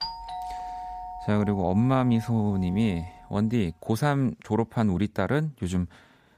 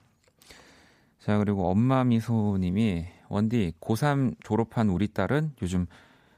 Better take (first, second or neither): second